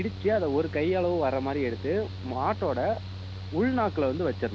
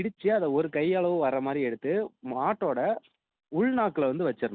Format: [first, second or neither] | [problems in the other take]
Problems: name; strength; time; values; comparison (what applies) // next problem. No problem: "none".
second | background sound (Mechanical fan); 9 dB below the speech